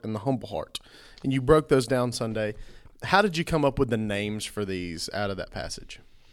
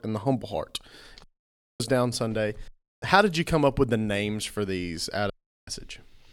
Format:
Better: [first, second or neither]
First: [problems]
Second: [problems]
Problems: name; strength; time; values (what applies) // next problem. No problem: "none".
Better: first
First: none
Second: audio cutting out; at 1 s for 0.5 s, at 2.5 s and at 5.5 s